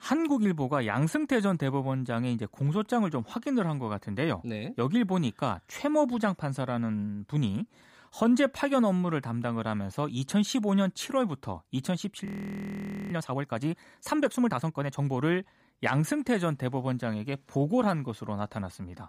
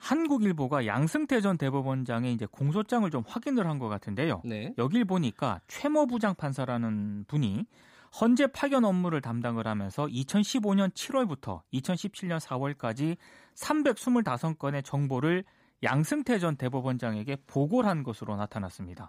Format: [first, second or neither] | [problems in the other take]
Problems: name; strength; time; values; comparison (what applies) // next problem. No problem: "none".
second | audio freezing; at 12 s for 1 s